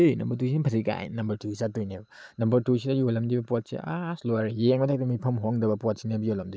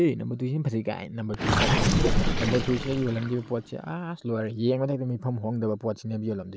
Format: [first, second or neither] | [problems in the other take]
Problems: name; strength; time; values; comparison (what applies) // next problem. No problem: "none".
first | background sound (Gurgling); 1 dB below the speech